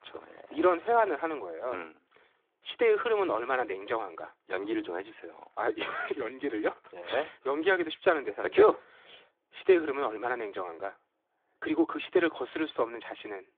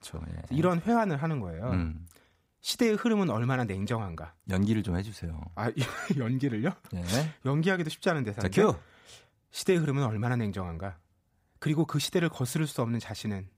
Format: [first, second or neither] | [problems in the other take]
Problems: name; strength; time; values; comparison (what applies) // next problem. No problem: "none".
second | phone-call audio; nothing above 3.5 kHz